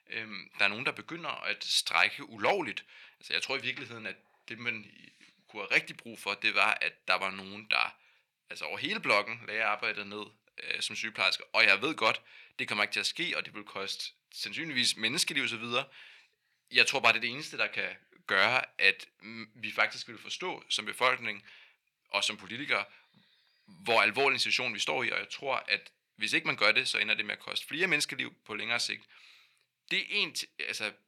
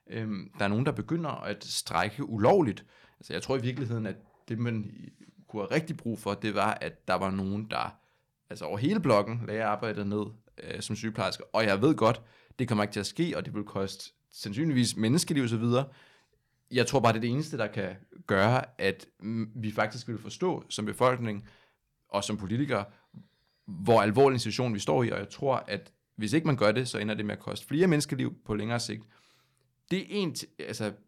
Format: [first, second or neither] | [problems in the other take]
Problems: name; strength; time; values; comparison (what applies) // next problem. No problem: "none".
second | thin; somewhat; fading below 1 kHz